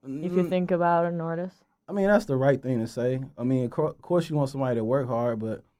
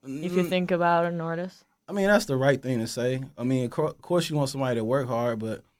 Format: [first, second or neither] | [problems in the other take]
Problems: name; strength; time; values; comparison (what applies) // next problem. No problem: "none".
second | muffled; slightly; fading above 1.5 kHz